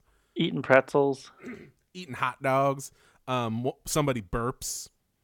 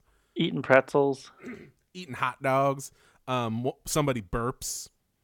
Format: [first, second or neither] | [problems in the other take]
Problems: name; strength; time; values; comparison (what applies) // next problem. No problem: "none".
neither | none